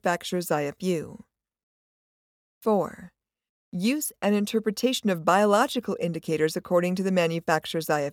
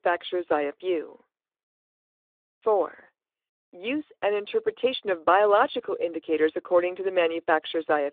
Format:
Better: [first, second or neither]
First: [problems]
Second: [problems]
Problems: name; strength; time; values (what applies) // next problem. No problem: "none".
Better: first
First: none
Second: phone-call audio